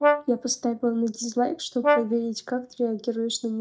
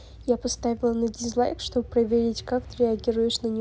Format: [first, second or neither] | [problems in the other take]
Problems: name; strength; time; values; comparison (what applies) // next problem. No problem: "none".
second | noise reduction (neural mask model DeepFilterNet 3)